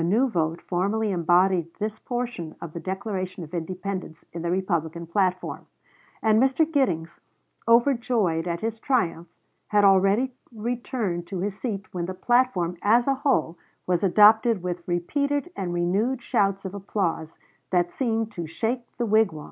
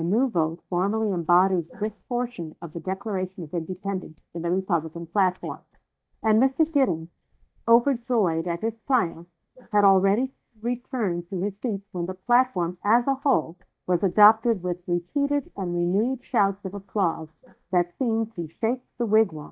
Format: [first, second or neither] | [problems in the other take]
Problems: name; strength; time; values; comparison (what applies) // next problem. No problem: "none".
first | noise reduction (neural mask model DeepFilterNet 3)